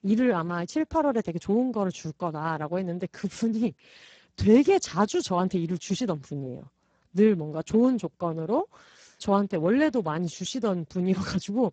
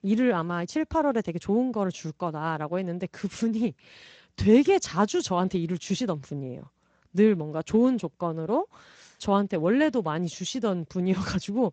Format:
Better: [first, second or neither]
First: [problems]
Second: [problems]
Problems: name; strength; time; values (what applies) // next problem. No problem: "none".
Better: second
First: garbled, watery; badly; nothing above 7.5 kHz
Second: garbled, watery; slightly; nothing above 7.5 kHz